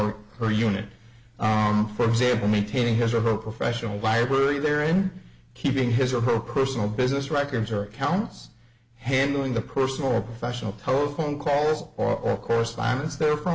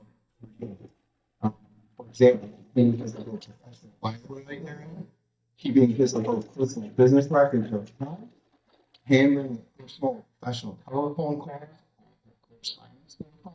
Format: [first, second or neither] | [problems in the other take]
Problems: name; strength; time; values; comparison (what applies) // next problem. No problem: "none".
first | noise reduction (neural mask model DeepFilterNet 3)